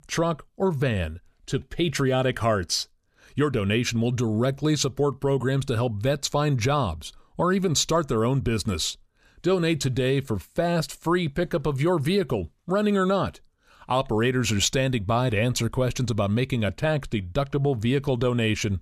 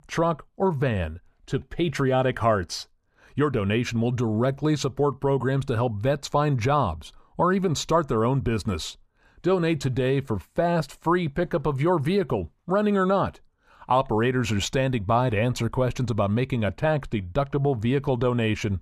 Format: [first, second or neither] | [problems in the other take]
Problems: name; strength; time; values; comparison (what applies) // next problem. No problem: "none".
first | muffled; slightly; fading above 3 kHz